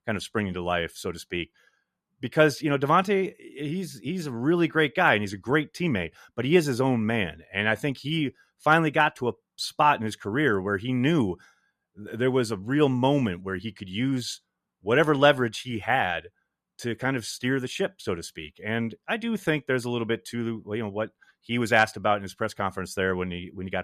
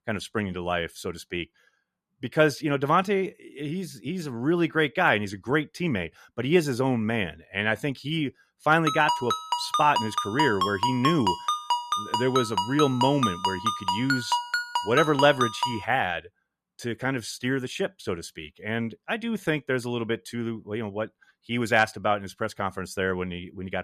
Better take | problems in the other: first | phone ringing; loud; from 9 to 16 s; peak level with the speech

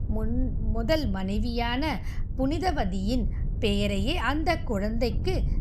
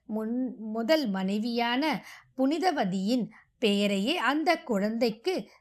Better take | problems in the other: second | wind noise on the microphone; occasional gusts; 20 dB below the speech

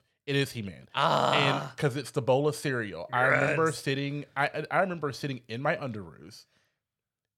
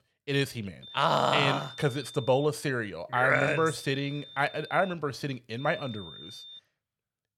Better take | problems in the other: first | high-pitched whine; noticeable; from 1 to 2.5 s, from 3.5 to 5 s and from 5.5 to 6.5 s; 3.5 kHz, 15 dB below the speech

